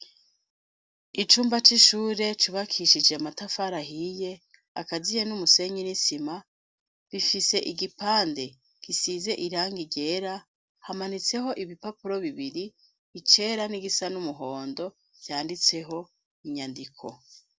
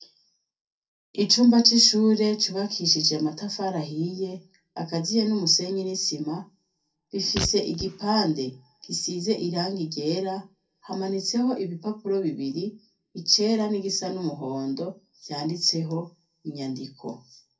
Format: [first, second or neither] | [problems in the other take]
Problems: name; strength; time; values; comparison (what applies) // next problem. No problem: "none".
first | background sound (Fart); 10 dB below the speech // room echo; dies away in 0.3 s